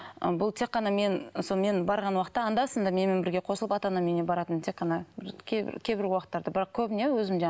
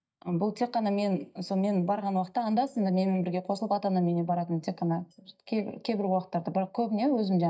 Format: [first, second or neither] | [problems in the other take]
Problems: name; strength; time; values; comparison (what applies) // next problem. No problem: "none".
first | noise reduction (neural mask model DeepFilterNet 3)